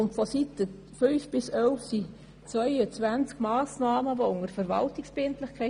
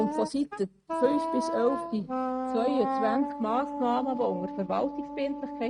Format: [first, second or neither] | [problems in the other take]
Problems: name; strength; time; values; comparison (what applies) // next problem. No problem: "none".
first | noise reduction (neural mask model RNNoise)